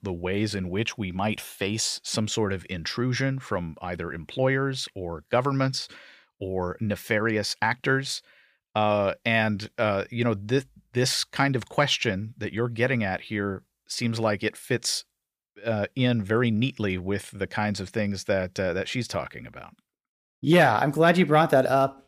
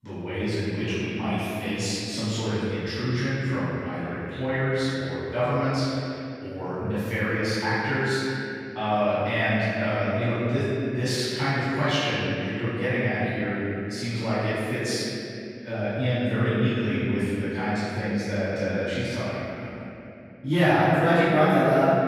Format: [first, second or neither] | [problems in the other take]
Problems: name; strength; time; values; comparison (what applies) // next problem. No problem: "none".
first | off-mic speech; far // room echo; strong; dies away in 3 s